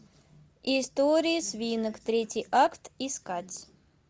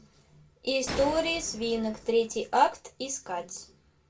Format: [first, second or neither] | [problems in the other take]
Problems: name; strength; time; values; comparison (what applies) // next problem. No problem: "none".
first | background sound (Gunshot, gunfire); 13 dB below the speech // room echo; dies away in 0.2 s